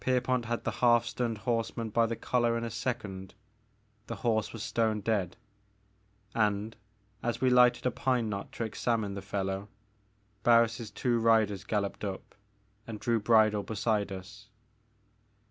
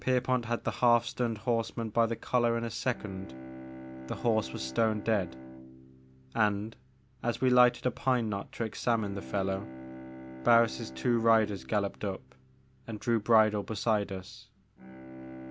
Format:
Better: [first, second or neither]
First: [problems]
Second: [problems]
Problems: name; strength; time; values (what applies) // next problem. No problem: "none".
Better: first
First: none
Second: background sound (Bowed string instrument); 16 dB below the speech